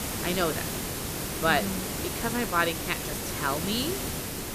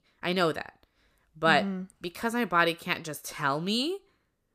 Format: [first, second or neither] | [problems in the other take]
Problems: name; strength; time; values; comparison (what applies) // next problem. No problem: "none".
second | hiss; loud; throughout; 2 dB below the speech